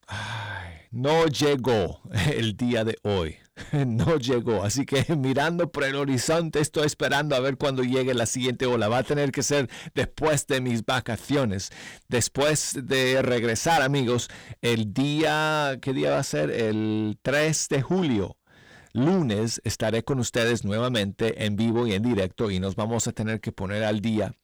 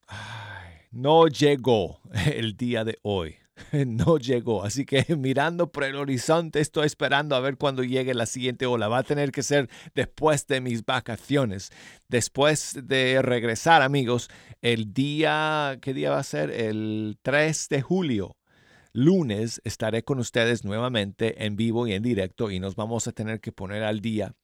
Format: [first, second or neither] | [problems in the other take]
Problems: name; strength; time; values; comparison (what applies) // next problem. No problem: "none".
second | distortion; heavy; 8 dB below the speech